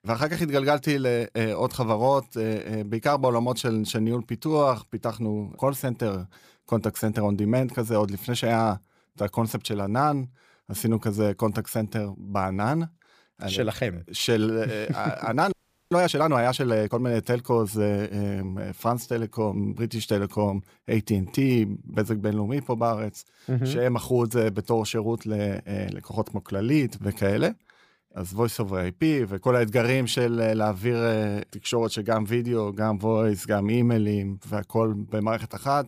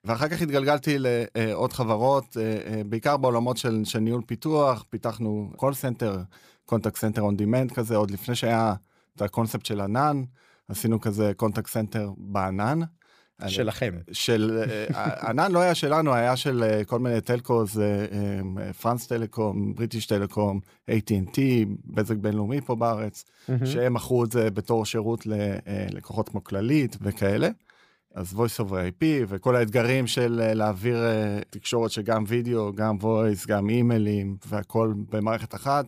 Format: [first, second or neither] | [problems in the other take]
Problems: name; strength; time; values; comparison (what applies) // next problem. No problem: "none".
second | audio freezing; at 16 s